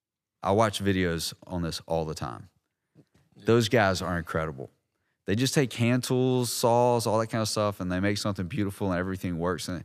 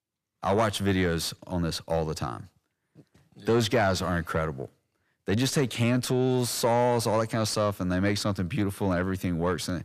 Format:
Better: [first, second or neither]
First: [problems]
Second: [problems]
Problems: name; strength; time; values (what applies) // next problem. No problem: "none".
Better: first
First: none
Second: distortion; slight; 10 dB below the speech